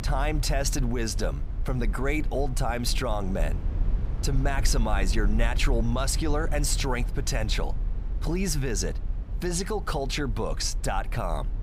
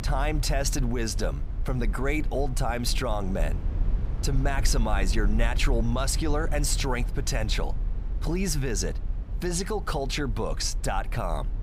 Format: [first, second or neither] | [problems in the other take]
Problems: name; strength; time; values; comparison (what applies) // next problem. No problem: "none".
neither | low rumble; noticeable; throughout; 15 dB below the speech; the same in both